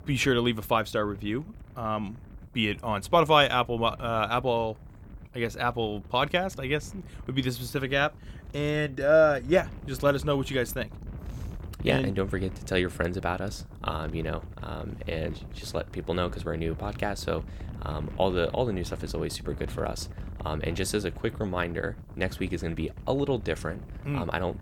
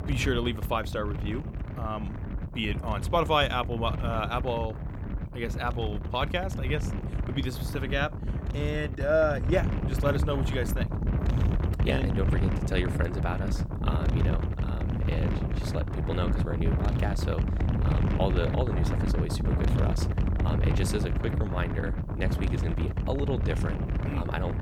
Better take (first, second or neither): first